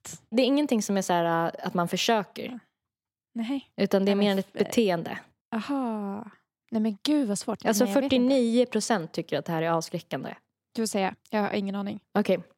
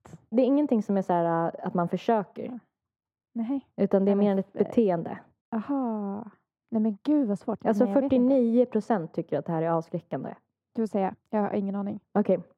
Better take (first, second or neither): first